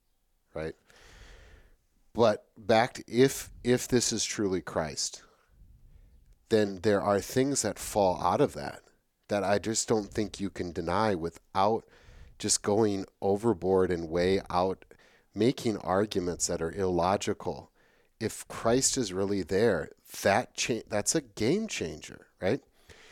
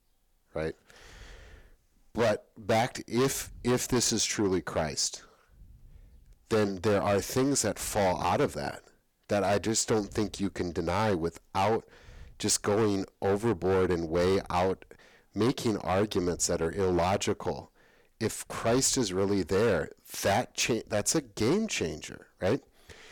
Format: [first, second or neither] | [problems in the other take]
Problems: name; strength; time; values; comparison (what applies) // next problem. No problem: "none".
first | distortion; heavy; 8% of the sound clipped